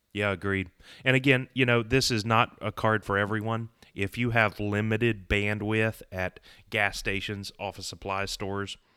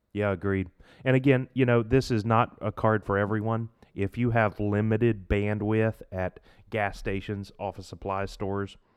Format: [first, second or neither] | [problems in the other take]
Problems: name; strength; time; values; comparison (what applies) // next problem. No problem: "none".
first | muffled; slightly; fading above 1.5 kHz